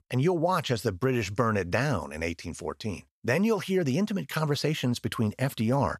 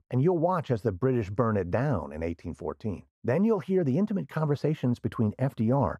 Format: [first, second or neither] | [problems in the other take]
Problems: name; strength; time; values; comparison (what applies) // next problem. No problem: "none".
first | muffled; very; fading above 2 kHz